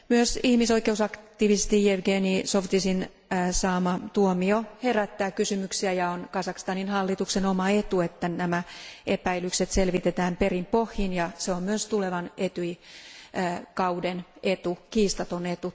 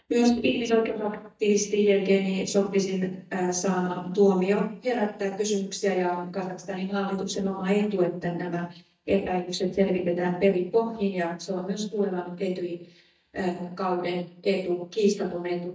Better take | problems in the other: first | noise reduction (neural mask model DeepFilterNet 3)

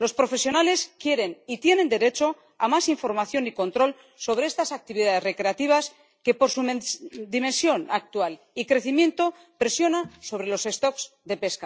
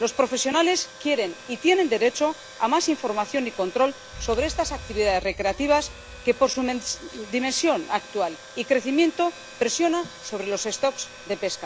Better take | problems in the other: first | background sound (Alarm + Tools); 16 dB below the speech

